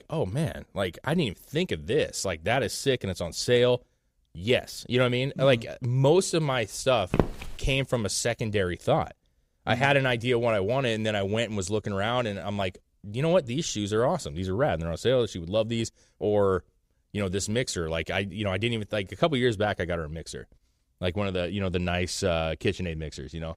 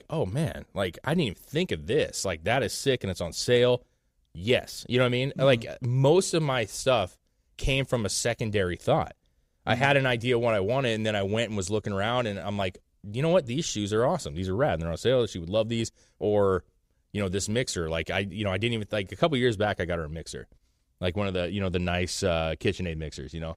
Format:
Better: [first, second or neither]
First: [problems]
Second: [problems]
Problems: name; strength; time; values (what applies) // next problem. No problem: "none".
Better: second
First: footsteps; noticeable; at 7 s; peak 1 dB below the speech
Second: none